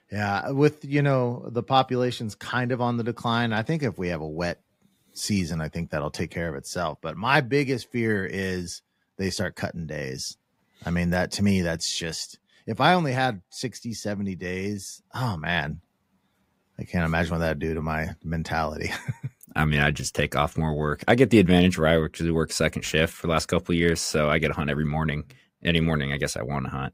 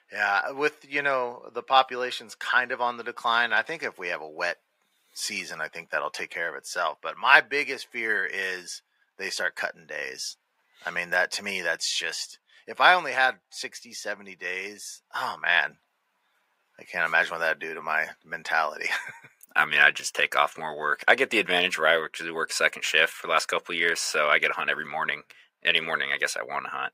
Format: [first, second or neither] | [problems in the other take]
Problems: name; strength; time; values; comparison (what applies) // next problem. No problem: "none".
first | thin; very; fading below 650 Hz